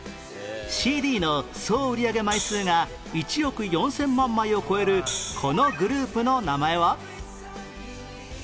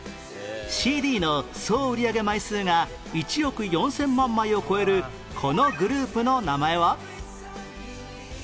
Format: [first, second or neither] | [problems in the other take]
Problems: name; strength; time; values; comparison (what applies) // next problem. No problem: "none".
second | background sound (Hi-hat); 8 dB below the speech